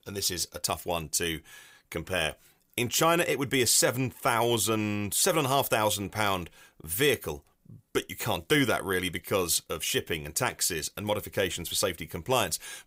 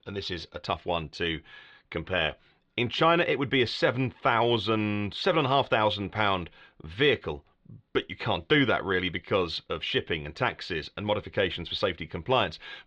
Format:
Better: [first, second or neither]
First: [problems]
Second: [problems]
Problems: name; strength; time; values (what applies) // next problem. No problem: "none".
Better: first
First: none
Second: muffled; slightly; fading above 4 kHz